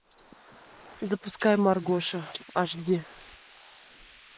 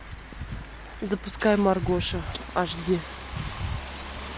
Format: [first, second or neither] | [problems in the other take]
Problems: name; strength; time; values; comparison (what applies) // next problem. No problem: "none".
second | noise reduction (neural mask model Resemble Enhance denoiser)